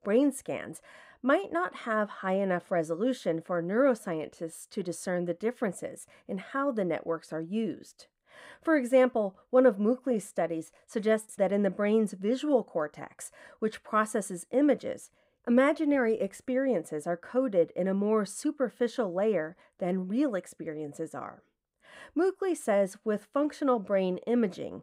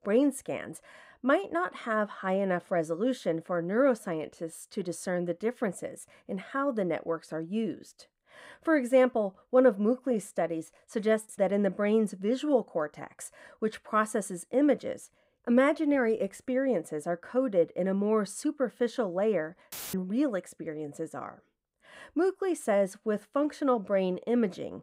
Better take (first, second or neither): first